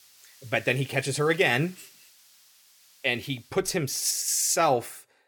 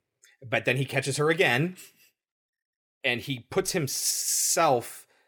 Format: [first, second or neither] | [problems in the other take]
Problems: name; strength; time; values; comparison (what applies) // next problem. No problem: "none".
second | hiss; faint; until 3.5 s; 25 dB below the speech